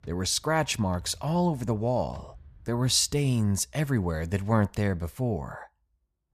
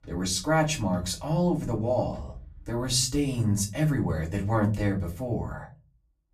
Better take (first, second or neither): first